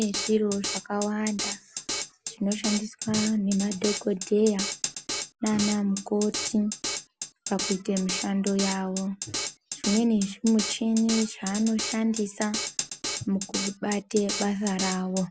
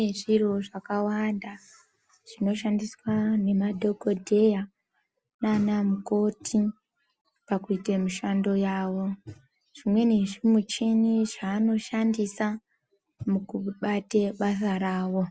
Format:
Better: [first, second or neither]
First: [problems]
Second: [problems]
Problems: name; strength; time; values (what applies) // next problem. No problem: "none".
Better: second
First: background sound (Drum kit); 7 dB below the speech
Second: none